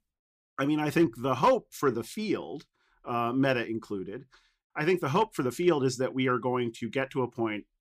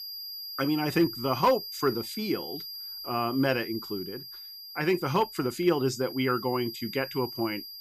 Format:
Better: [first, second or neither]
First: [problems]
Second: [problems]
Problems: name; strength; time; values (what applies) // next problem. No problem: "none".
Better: first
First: none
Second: high-pitched whine; loud; throughout; 5 kHz, 9 dB below the speech